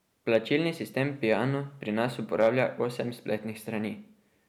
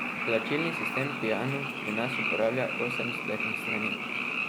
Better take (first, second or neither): first